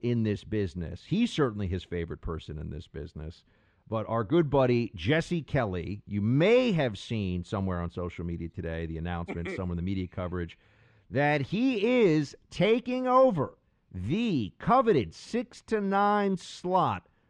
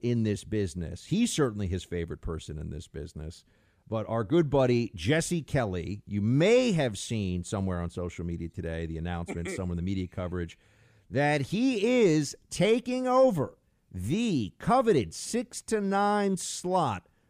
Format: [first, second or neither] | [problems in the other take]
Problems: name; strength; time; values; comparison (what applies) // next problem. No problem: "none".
second | muffled; slightly; fading above 3 kHz